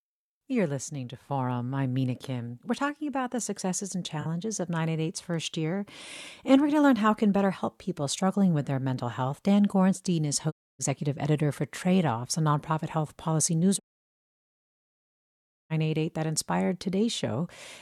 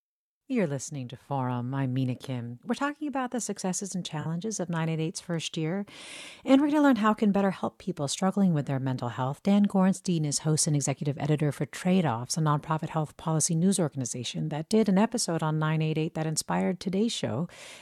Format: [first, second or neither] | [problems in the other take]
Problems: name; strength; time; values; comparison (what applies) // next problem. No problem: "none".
second | audio cutting out; at 11 s and at 14 s for 2 s